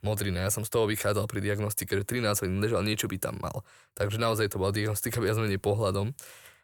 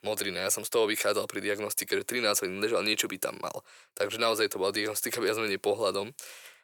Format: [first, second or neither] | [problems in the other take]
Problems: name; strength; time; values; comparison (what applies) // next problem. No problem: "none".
first | thin; somewhat; fading below 350 Hz